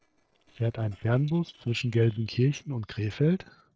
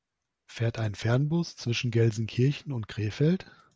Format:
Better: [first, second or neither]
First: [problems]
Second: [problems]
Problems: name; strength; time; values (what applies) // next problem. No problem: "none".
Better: second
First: noise reduction (neural separator model SepFormer DNS4)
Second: none